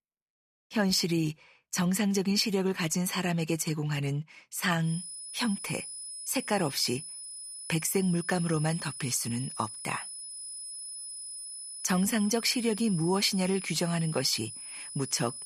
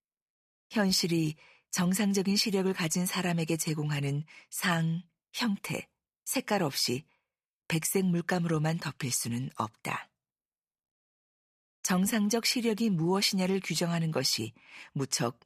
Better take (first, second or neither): second